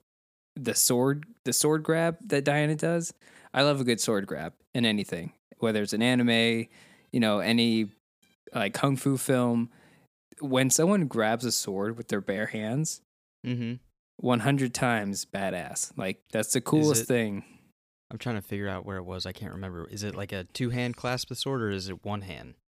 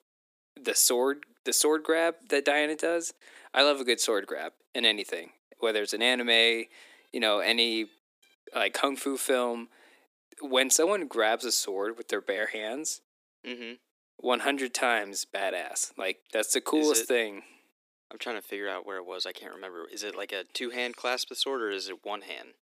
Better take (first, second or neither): first